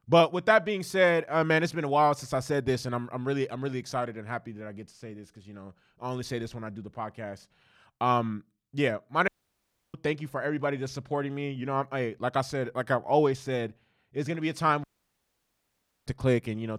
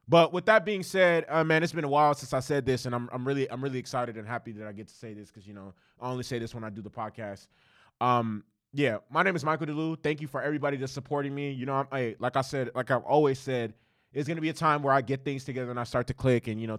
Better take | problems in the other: second | audio cutting out; at 9.5 s for 0.5 s and at 15 s for 1 s

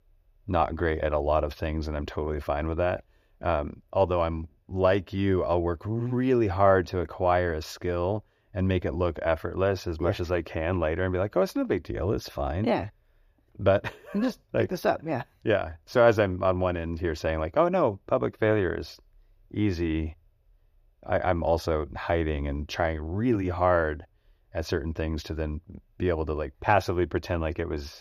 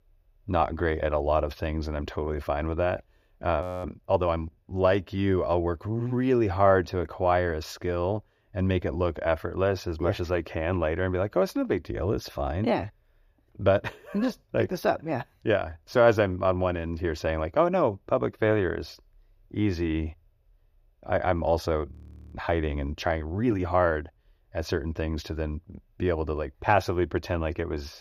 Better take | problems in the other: first | audio freezing; at 3.5 s and at 22 s

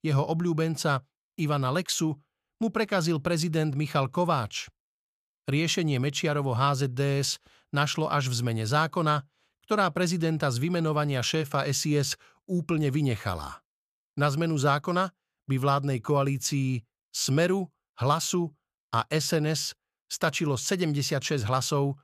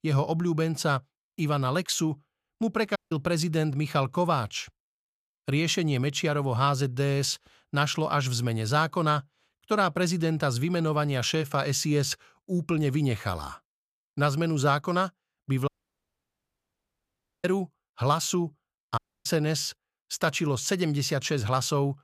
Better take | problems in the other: first | audio cutting out; at 3 s, at 16 s for 2 s and at 19 s

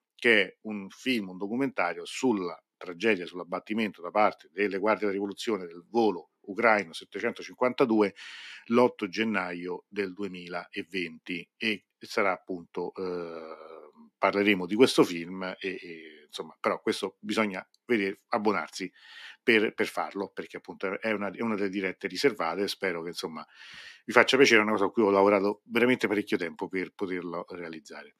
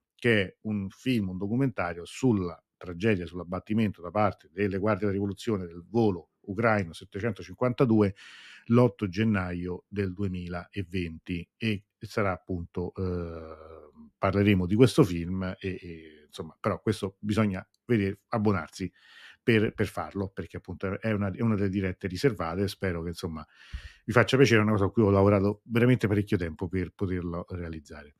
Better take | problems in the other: second | thin; somewhat; fading below 250 Hz

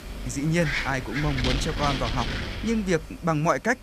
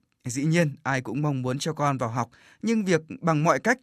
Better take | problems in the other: second | wind noise on the microphone; heavy; 2 dB below the speech

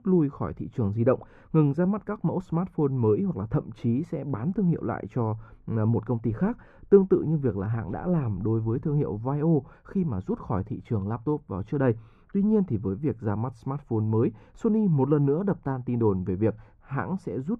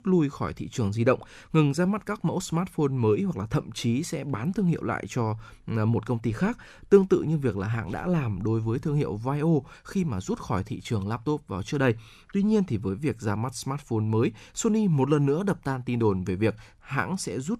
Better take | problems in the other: second | muffled; very; fading above 2.5 kHz

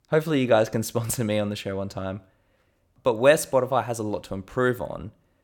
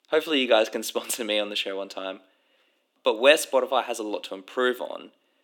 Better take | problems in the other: first | thin; very slightly; fading below 250 Hz

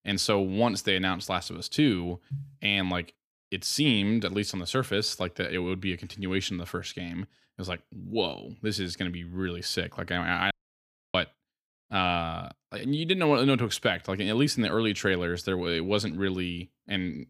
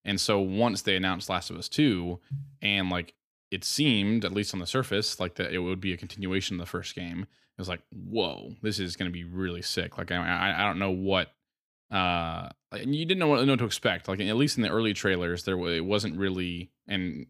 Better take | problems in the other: second | audio cutting out; at 11 s for 0.5 s

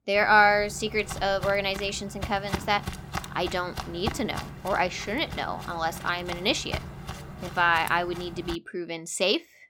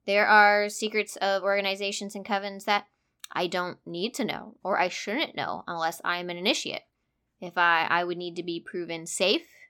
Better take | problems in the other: second | footsteps; noticeable; from 0.5 to 8.5 s; peak 6 dB below the speech

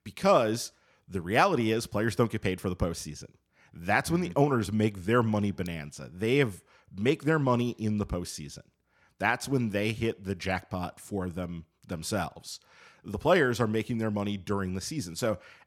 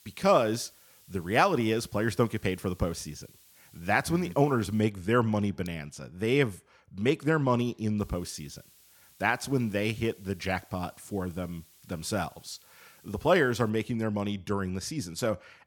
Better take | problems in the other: first | hiss; faint; until 5 s and from 8 to 14 s; 25 dB below the speech

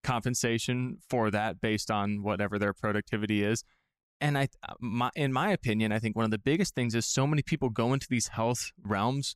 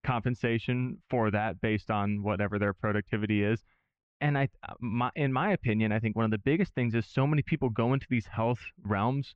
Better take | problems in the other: first | muffled; very; fading above 2.5 kHz

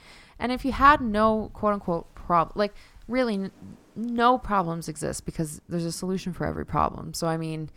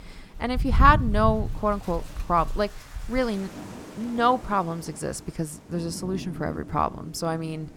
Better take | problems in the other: first | rain or running water; loud; throughout; 6 dB below the speech; faint in the first

